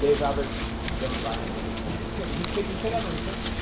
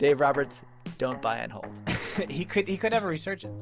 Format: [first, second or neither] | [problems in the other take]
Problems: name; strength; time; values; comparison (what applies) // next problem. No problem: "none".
second | background sound (Wind); as loud as the speech // room echo; dies away in 0.9 s